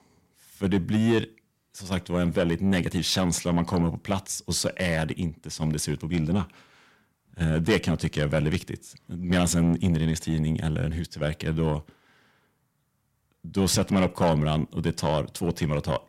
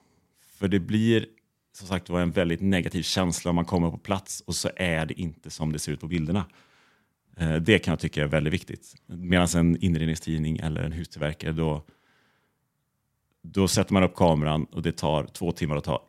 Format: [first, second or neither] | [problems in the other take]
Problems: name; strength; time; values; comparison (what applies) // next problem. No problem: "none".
second | distortion; slight; 10 dB below the speech